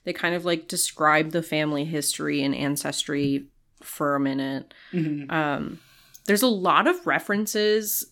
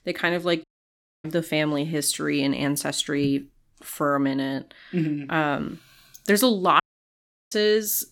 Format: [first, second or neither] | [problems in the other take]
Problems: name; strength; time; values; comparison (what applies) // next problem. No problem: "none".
first | audio cutting out; at 0.5 s for 0.5 s and at 7 s for 0.5 s